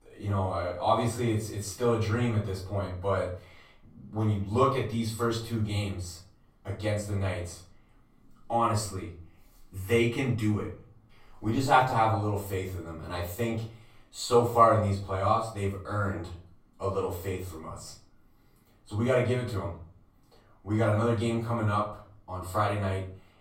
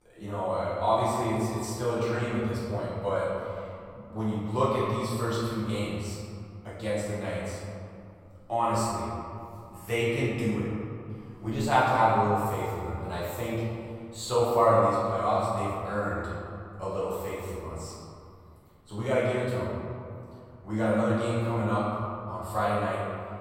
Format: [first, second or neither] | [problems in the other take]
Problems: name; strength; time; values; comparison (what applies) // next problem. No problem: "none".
first | room echo; strong; dies away in 2.4 s; slight in the first // off-mic speech; far; far in the first